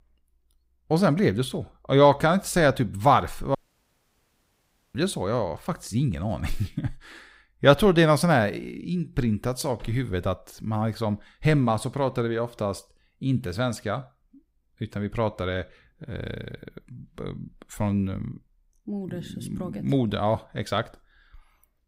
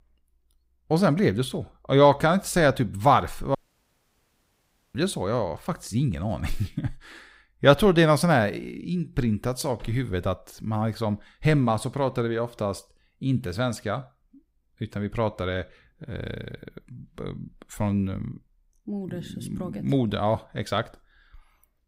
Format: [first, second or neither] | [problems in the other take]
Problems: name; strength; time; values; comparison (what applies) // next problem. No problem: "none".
neither | audio cutting out; at 3.5 s for 1.5 s; the same in both